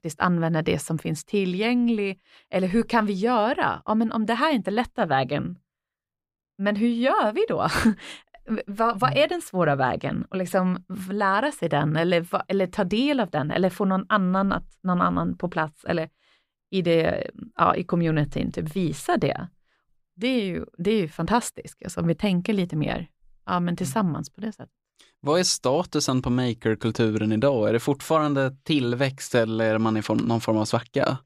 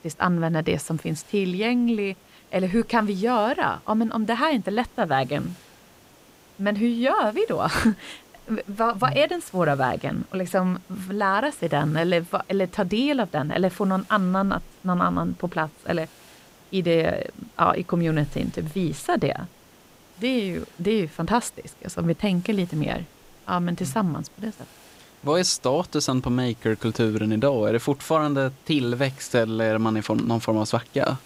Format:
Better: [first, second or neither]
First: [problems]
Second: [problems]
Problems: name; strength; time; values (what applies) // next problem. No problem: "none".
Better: first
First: none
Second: hiss; faint; throughout; 25 dB below the speech